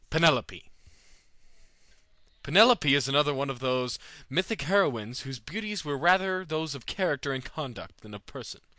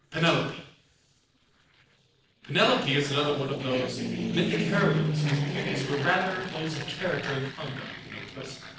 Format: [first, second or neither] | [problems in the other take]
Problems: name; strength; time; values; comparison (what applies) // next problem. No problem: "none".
first | noise reduction (neural separator model SepFormer DNS4)